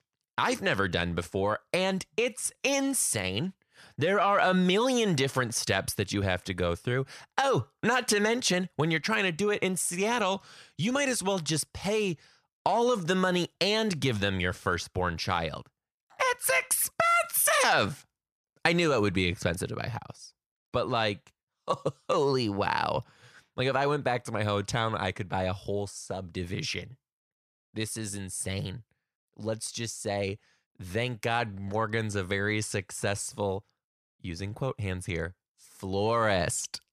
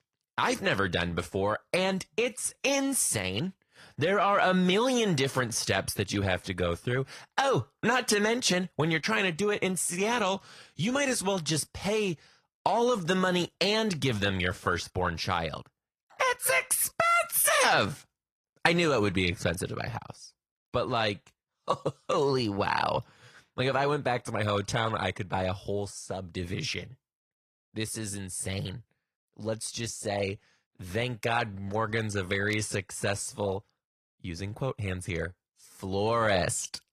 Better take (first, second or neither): first